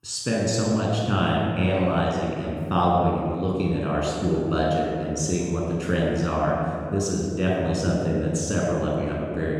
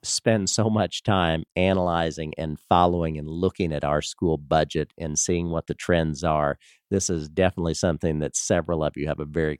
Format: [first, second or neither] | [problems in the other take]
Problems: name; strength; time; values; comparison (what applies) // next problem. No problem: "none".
second | room echo; strong; dies away in 2.4 s // off-mic speech; far